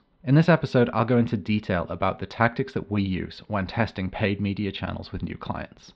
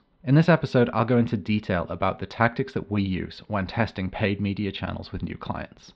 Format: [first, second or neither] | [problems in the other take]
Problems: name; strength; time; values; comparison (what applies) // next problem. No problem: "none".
neither | muffled; very; fading above 4 kHz; the same in both